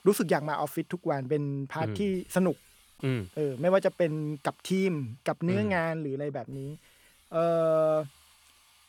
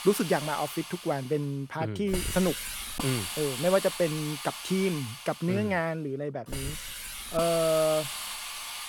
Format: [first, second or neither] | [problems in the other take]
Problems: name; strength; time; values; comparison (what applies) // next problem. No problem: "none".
first | hiss; loud; throughout; 6 dB below the speech; faint in the first